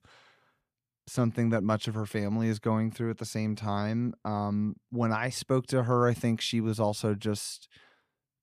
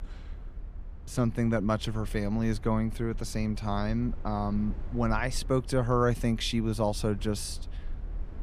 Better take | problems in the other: first | low rumble; faint; throughout; 25 dB below the speech

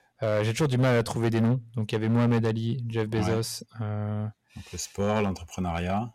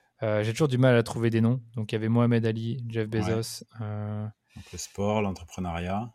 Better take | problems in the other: second | distortion; slight; 7% of the sound clipped

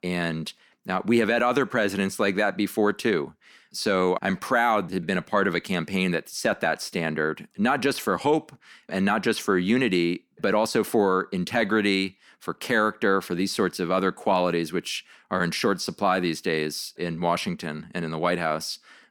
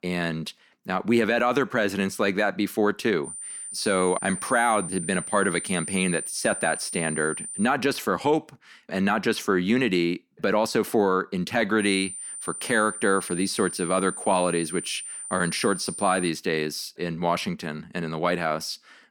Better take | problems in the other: first | high-pitched whine; loud; from 3.5 to 7.5 s and from 12 to 16 s; 9 kHz, 8 dB below the speech

